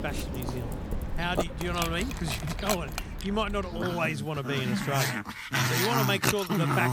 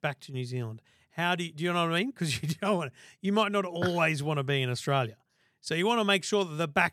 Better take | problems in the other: second | animal sounds; very loud; throughout; as loud as the speech

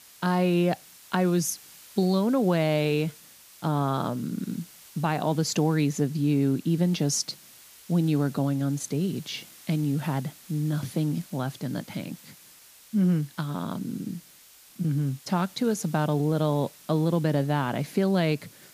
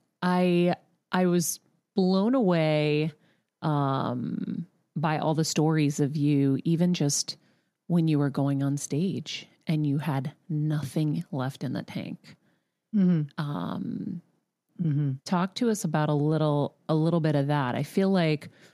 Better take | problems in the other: second | hiss; faint; throughout; 20 dB below the speech

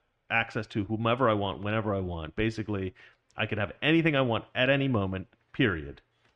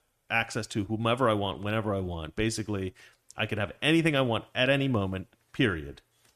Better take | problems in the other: second | muffled; slightly; fading above 2.5 kHz

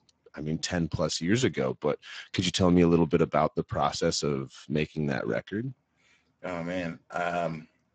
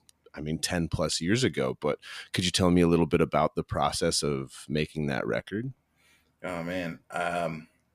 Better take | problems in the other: second | garbled, watery; badly; nothing above 7.5 kHz

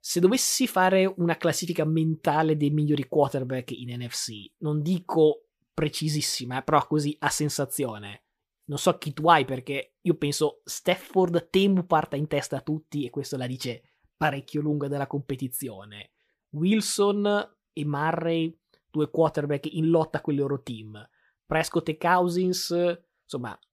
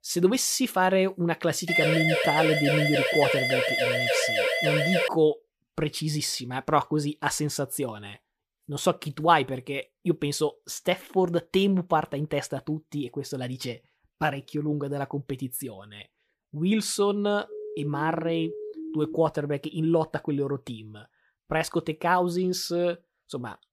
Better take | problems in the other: first | siren; loud; from 1.5 to 5 s; peak 5 dB above the speech // siren; noticeable; from 17 to 19 s; peak 9 dB below the speech

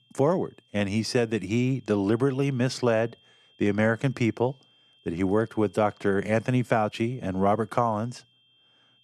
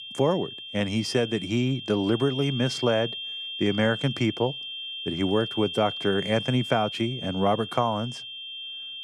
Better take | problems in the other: first | high-pitched whine; loud; throughout; 3 kHz, 7 dB below the speech; faint in the first

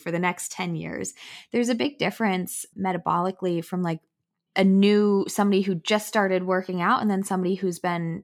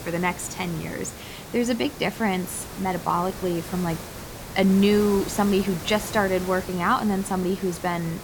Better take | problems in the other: first | hiss; noticeable; throughout; 10 dB below the speech

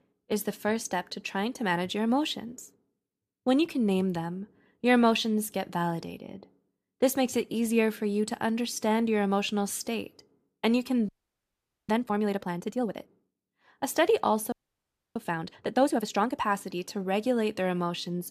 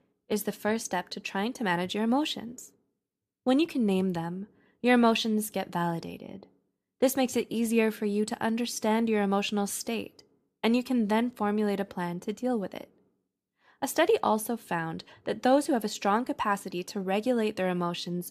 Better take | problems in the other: second | audio freezing; at 11 s for 1 s and at 15 s for 0.5 s

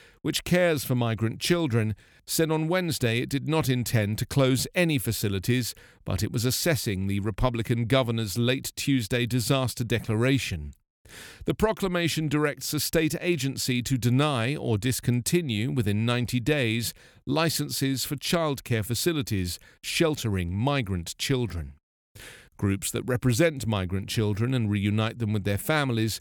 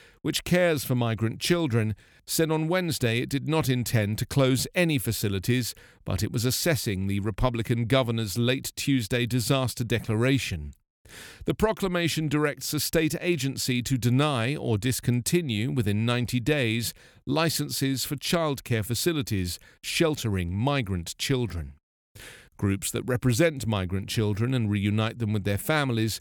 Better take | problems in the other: neither | none

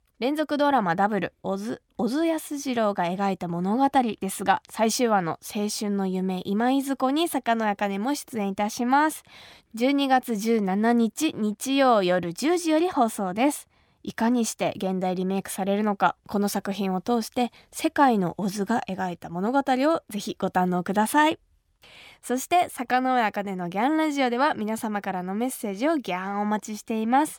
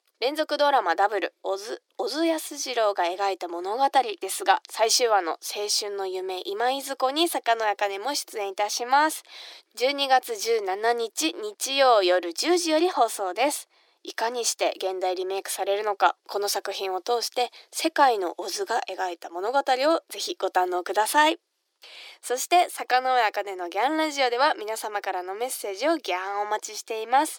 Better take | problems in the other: first | thin; very; fading below 350 Hz

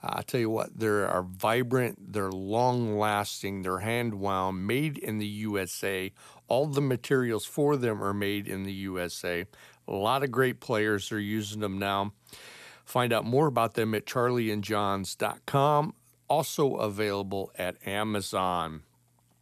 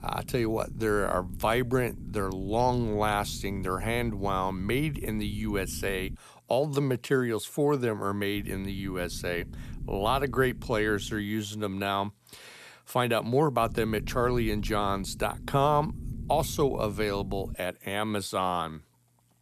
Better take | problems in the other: first | low rumble; faint; until 6 s, from 8.5 to 11 s and from 14 to 18 s; 20 dB below the speech

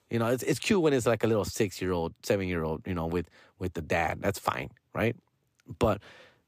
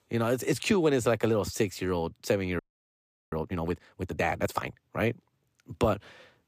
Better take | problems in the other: first | audio freezing; at 2.5 s for 0.5 s

